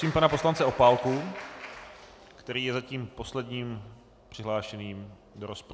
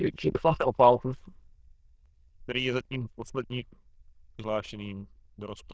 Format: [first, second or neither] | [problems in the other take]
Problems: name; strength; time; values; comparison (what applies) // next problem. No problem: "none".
first | noise reduction (neural diffusion model UNIVERSE++)